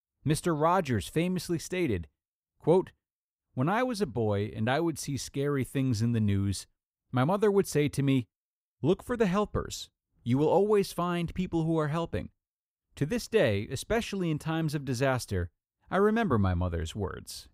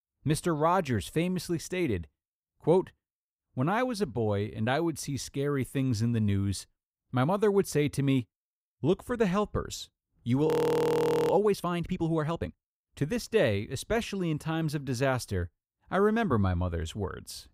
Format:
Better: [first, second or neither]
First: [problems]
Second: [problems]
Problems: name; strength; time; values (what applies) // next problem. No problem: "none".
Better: first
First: none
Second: audio freezing; at 10 s for 1 s